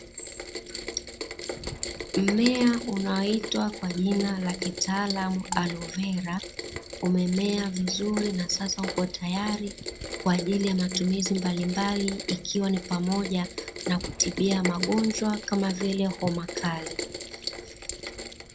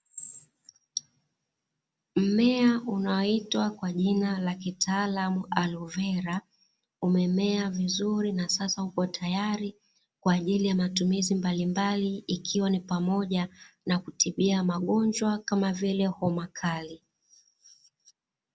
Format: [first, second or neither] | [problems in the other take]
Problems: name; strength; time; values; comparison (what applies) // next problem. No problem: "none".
second | background sound (Rain); 8 dB below the speech